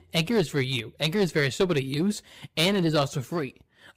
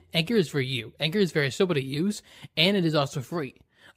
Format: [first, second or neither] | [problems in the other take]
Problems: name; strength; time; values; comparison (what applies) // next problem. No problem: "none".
second | distortion; slight; 5% of the sound clipped